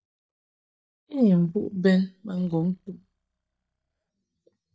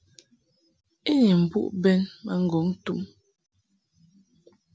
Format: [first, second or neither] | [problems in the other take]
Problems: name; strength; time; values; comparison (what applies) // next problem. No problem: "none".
second | noise reduction (neural mask model DeepFilterNet 3)